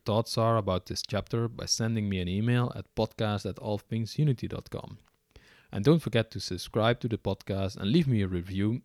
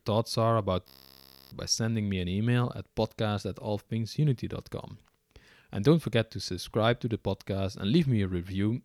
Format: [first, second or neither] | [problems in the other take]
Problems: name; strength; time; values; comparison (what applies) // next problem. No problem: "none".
first | audio freezing; at 1 s for 0.5 s